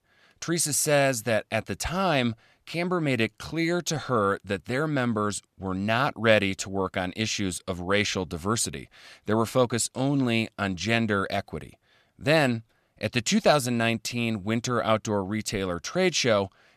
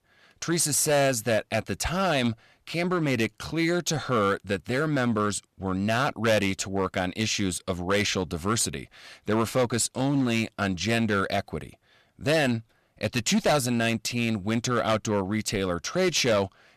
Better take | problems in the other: first | distortion; slight; 7% of the sound clipped

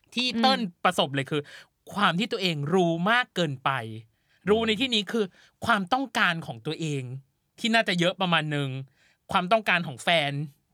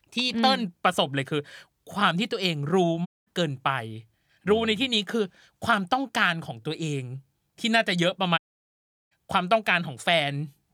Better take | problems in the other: first | audio cutting out; at 3 s and at 8.5 s for 0.5 s

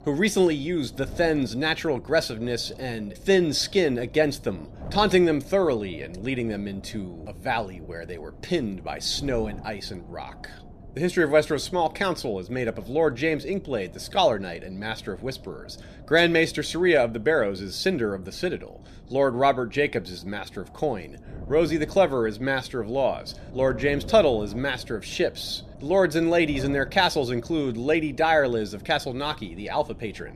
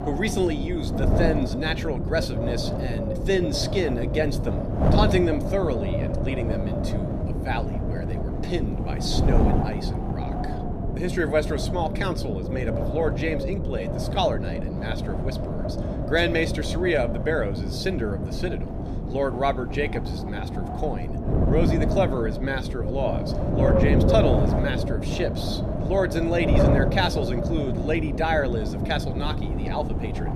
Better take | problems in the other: first | wind noise on the microphone; heavy; 3 dB below the speech; occasional gusts in the first

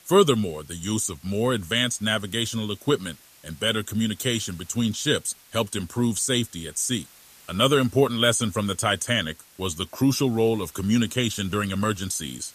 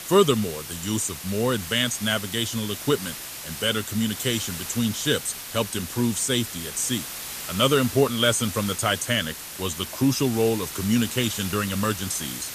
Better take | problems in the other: first | hiss; loud; throughout; 8 dB below the speech; faint in the first

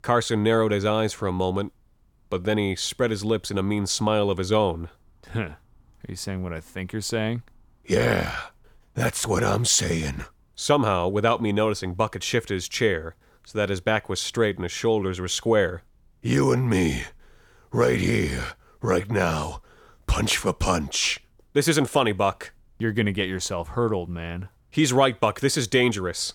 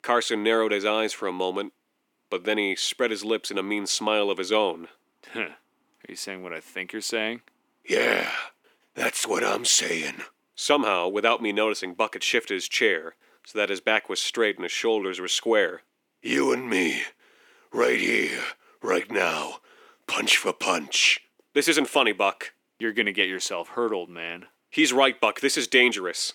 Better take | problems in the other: first | thin; very slightly; fading below 300 Hz

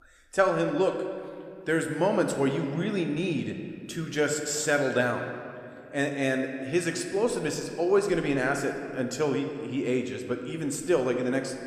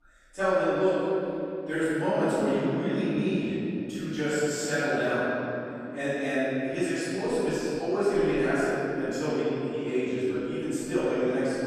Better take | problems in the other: first | room echo; strong; dies away in 3 s; slight in the first // off-mic speech; far

